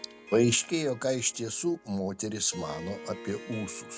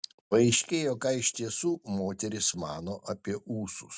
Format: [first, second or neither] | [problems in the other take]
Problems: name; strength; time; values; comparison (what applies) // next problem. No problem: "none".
second | background sound (Harp); 15 dB below the speech